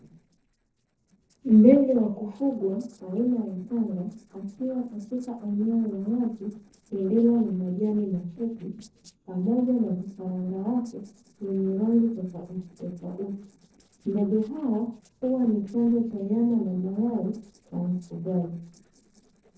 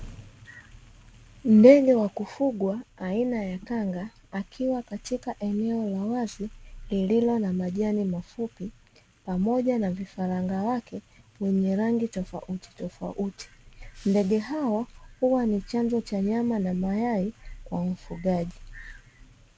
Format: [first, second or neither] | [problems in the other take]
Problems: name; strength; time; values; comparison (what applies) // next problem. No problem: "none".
second | noise reduction (neural separator model SepFormer DNS4)